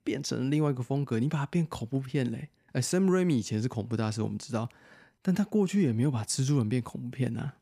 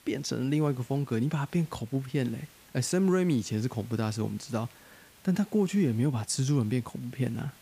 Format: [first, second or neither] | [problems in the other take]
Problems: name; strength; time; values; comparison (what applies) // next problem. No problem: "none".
first | hiss; faint; throughout; 25 dB below the speech